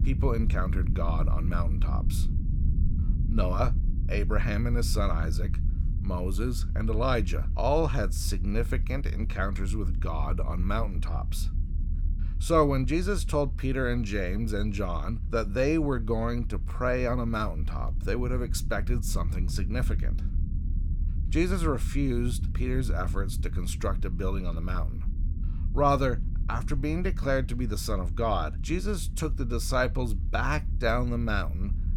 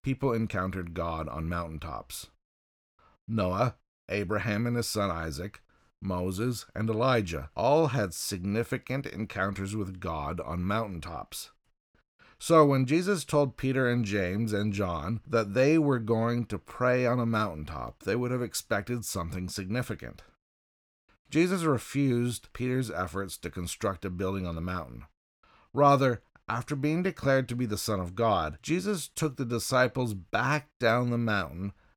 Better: second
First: low rumble; noticeable; throughout; 15 dB below the speech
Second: none

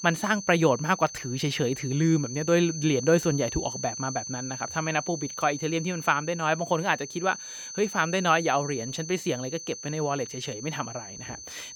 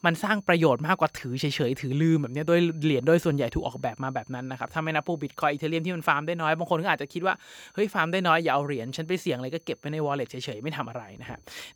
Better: second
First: high-pitched whine; loud; throughout; 6 kHz, 9 dB below the speech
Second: high-pitched whine; faint; throughout; 6 kHz, 35 dB below the speech

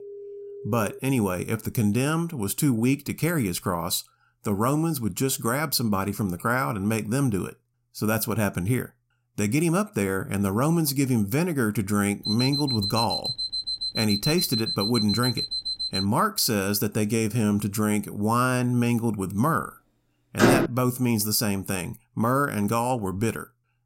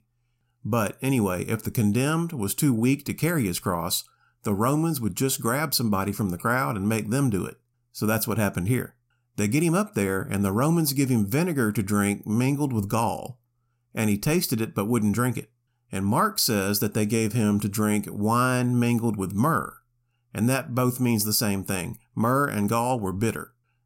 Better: second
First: phone ringing; faint; at the start; peak 15 dB below the speech // alarm; noticeable; from 12 to 16 s; peak 2 dB below the speech // door banging; loud; at 20 s; peak 4 dB above the speech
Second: none

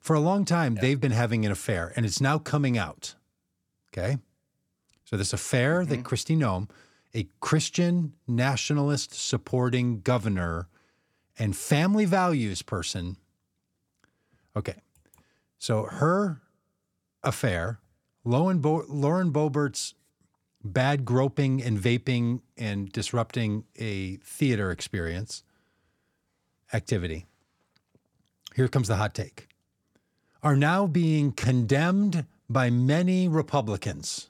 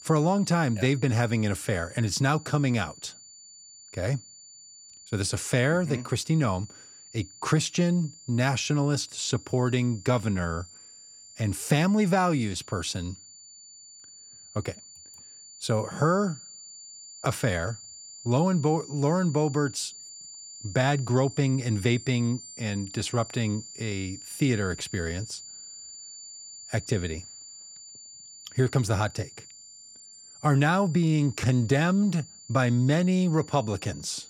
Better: first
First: none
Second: high-pitched whine; noticeable; throughout; 7 kHz, 15 dB below the speech

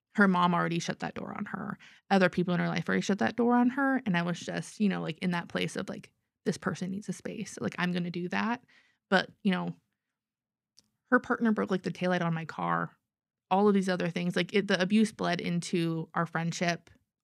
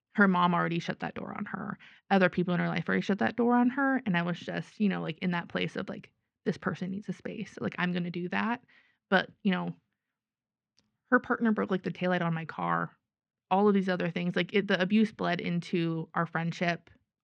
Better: first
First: none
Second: muffled; slightly; fading above 3 kHz

